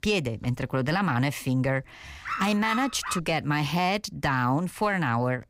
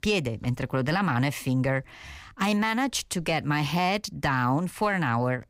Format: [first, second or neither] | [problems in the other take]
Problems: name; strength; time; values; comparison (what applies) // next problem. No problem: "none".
second | dog barking; noticeable; at 2.5 s; peak 6 dB below the speech